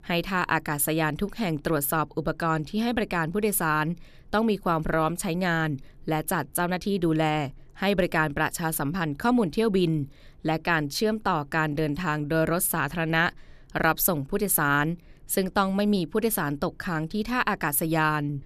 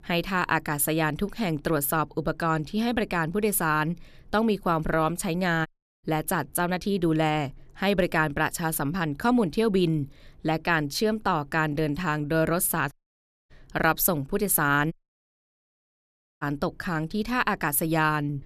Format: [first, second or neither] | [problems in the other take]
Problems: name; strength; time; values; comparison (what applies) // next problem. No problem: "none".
first | audio cutting out; at 5.5 s, at 13 s for 0.5 s and at 15 s for 1.5 s